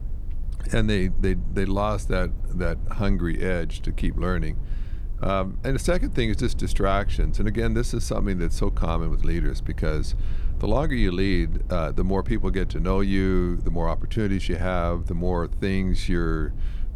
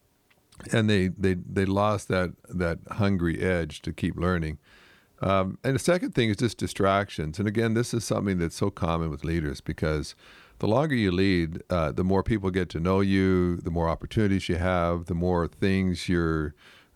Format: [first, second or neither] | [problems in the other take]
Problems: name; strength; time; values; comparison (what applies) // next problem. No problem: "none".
second | low rumble; faint; throughout; 20 dB below the speech